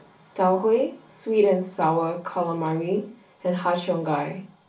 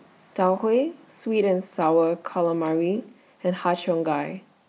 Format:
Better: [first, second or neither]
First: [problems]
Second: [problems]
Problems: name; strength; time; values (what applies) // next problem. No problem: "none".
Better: second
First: room echo; dies away in 0.3 s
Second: none